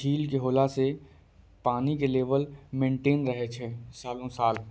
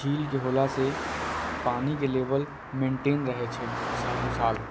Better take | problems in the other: first | background sound (Car passing by); 5 dB below the speech

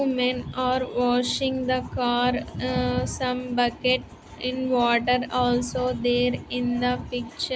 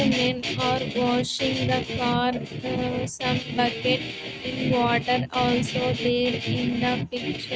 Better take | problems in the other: first | noise reduction (neural mask model RNNoise)

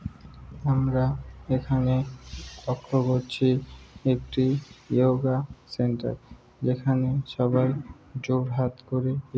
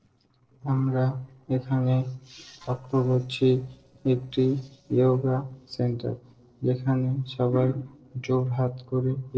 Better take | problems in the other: first | noise reduction (neural separator model SepFormer DNS4)

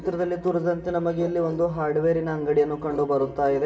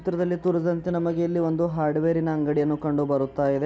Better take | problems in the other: second | background sound (Bark); 19 dB below the speech // room echo; dies away in 0.8 s

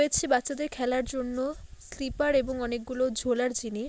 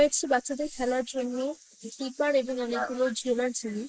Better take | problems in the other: first | noise reduction (neural mask model Resemble Enhance denoiser)

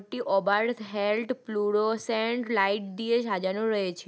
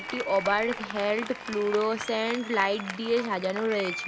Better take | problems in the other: first | background sound (Applause); 9 dB below the speech

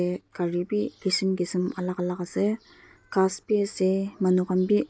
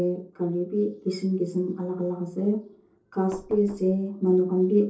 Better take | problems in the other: first | noise reduction (neural separator model SepFormer DNS4)

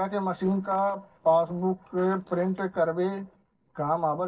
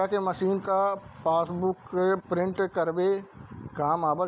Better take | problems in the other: second | noise reduction (neural separator model SepFormer DNS4)

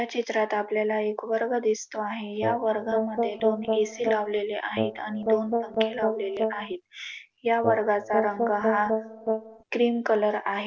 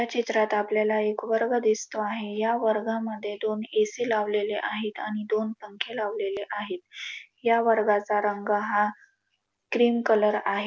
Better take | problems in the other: second | background sound (Brass instrument); 1 dB below the speech

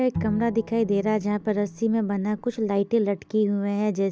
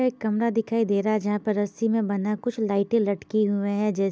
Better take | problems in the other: second | background sound (Bowed string instrument); 13 dB below the speech

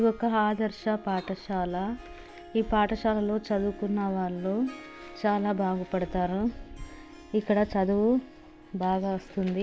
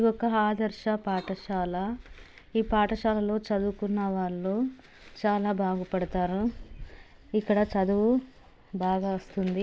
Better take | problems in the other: second | background sound (Harp); 20 dB below the speech

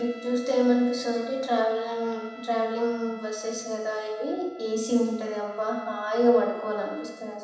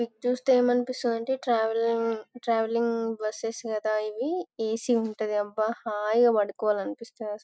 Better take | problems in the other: second | background sound (Trumpet); 19 dB below the speech // room echo; dies away in 1.1 s

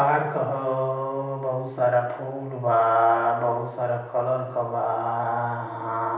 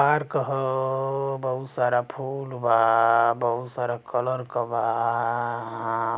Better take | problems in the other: second | room echo; dies away in 0.9 s

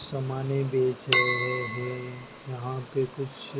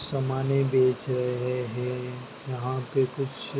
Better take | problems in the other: second | background sound (Chink, clink); 1 dB below the speech

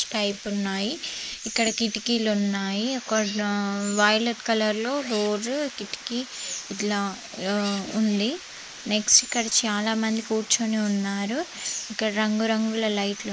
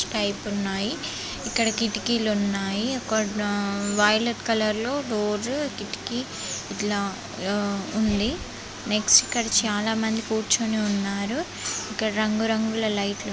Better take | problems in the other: second | noise reduction (neural mask model Resemble Enhance denoiser)

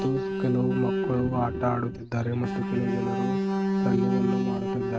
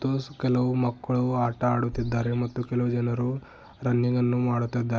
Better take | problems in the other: second | noise reduction (neural mask model RNNoise)

